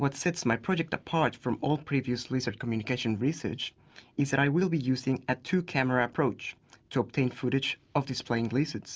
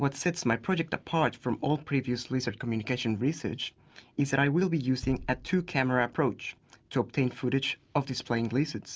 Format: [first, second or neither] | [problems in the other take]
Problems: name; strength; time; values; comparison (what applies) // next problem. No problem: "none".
first | background sound (Bass drum); 19 dB below the speech